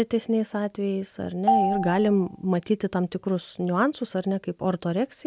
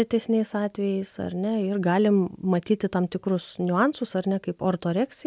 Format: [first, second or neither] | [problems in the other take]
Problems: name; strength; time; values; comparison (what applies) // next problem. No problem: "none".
second | background sound (Marimba, xylophone); 3 dB below the speech